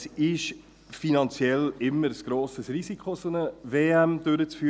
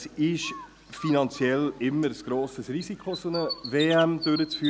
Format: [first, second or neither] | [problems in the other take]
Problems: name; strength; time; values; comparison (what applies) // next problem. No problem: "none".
first | background sound (Bird); 13 dB below the speech